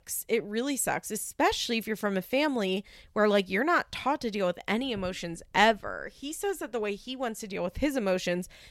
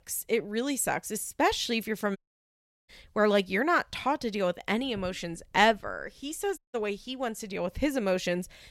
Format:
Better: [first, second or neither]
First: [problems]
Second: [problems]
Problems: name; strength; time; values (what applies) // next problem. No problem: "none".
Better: first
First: none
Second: audio cutting out; at 2 s for 0.5 s and at 6.5 s